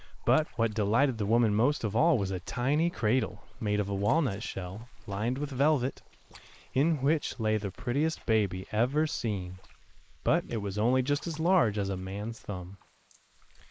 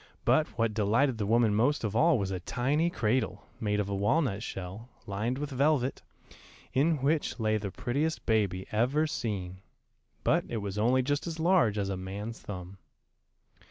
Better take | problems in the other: second | noise reduction (neural mask model Resemble Enhance denoiser)

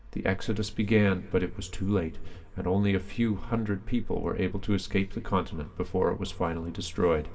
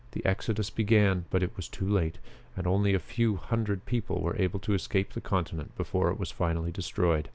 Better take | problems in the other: second | room echo; dies away in 1.1 s

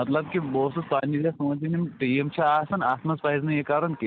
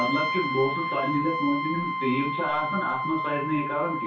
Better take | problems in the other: first | background sound (Brass instrument); 1 dB below the speech // room echo; dies away in 0.3 s

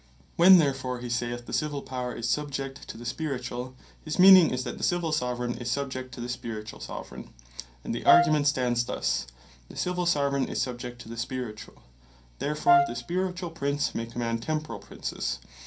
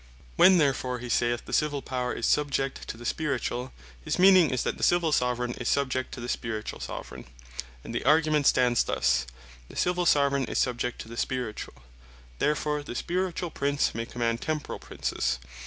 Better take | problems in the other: second | background sound (Brass instrument); as loud as the speech // room echo; dies away in 0.3 s

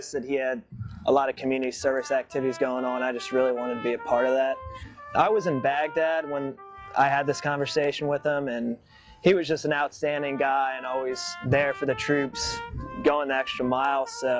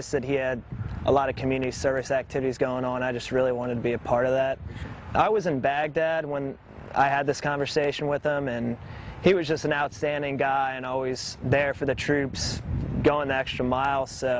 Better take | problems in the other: second | noise reduction (classical method log-MMSE)

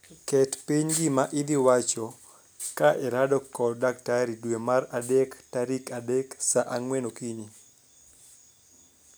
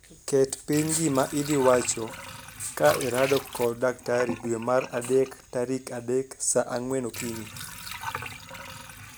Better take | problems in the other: first | background sound (Sink (filling or washing) / Water); 12 dB below the speech

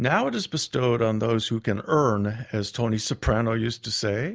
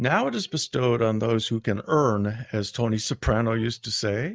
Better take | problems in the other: first | noise reduction (neural mask model DeepFilterNet 3)

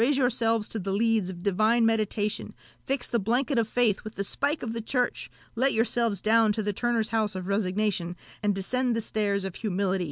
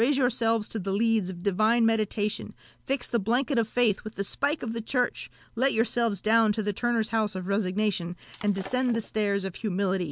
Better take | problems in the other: first | background sound (Shatter); 20 dB below the speech

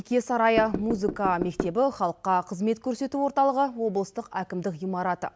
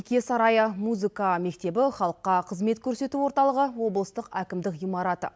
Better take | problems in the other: second | background sound (Knock / Wood); 6 dB below the speech

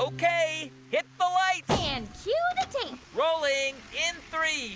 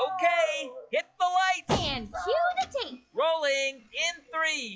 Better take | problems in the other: first | noise reduction (classical method log-MMSE)

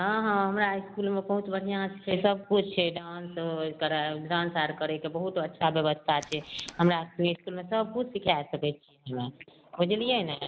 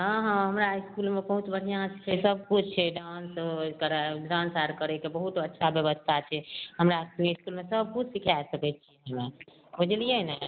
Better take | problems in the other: second | background sound (Tools); 17 dB below the speech

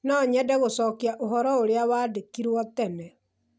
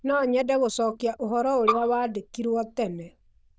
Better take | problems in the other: first | noise reduction (neural diffusion model UNIVERSE++)

